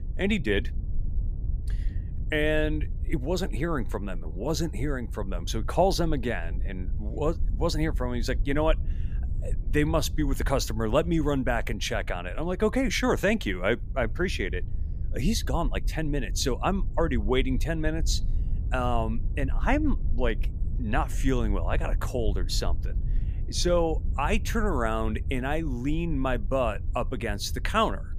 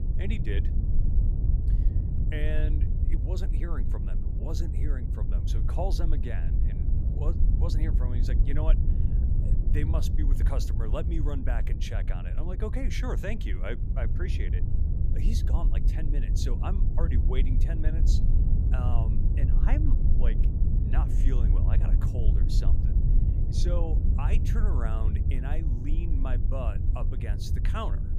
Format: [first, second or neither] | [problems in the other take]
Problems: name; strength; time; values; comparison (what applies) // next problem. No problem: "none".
first | low rumble; loud; throughout; 4 dB below the speech; faint in the first